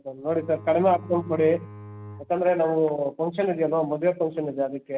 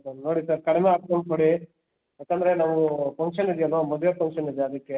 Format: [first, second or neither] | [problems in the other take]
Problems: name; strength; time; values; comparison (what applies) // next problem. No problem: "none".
second | background sound (Bowed string instrument); 17 dB below the speech